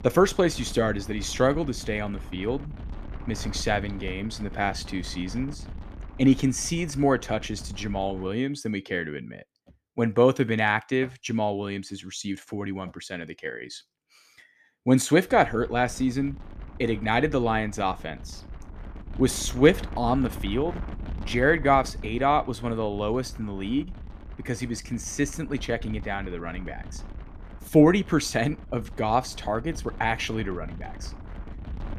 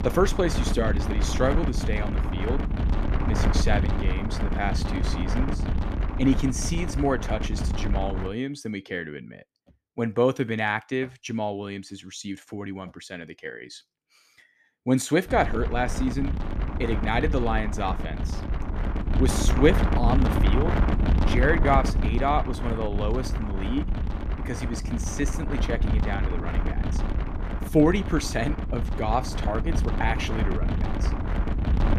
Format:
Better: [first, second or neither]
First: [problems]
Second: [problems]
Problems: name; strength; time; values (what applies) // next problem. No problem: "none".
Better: first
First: wind noise on the microphone; occasional gusts; until 8.5 s and from 15 s on; 20 dB below the speech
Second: wind noise on the microphone; heavy; until 8.5 s and from 15 s on; 6 dB below the speech